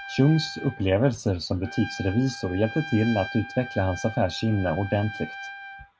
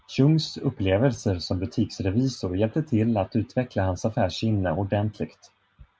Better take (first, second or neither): second